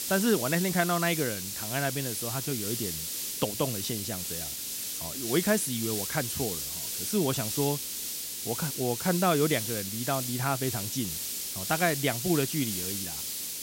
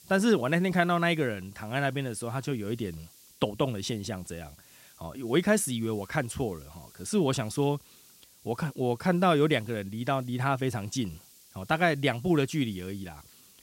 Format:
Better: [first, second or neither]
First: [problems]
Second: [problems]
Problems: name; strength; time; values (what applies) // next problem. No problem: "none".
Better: second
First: hiss; loud; throughout; 2 dB below the speech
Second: hiss; faint; throughout; 25 dB below the speech